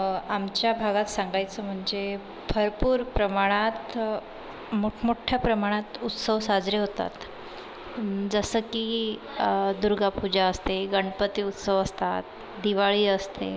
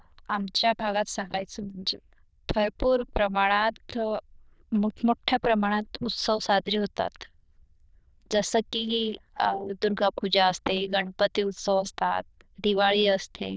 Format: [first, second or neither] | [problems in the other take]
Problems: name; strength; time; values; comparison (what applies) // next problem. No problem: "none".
first | noise reduction (neural diffusion model UNIVERSE++)